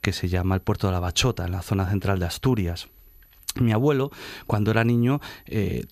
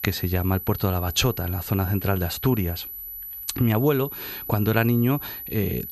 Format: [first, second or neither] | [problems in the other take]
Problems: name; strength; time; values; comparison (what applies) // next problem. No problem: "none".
first | high-pitched whine; loud; throughout; 12 kHz, 9 dB below the speech; faint in the first